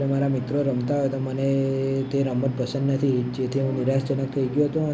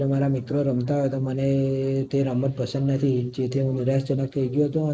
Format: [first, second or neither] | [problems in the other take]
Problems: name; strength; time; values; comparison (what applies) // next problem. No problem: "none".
first | noise reduction (neural mask model Resemble Enhance denoiser)